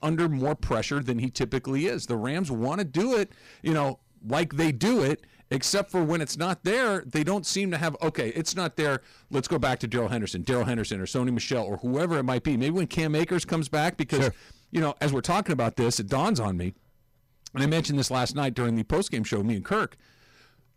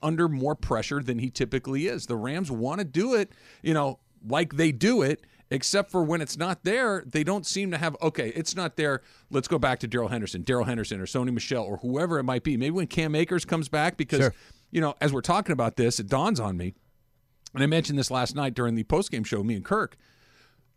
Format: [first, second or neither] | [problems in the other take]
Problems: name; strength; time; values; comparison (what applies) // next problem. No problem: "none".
second | distortion; slight; 9% of the sound clipped